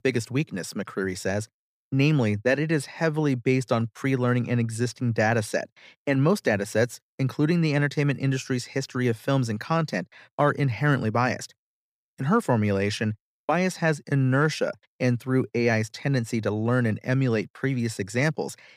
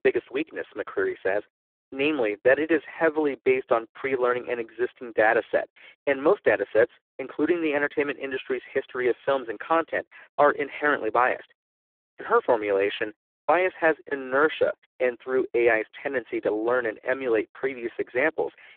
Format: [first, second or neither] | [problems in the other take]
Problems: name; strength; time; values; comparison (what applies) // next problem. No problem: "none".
first | phone-call audio; poor line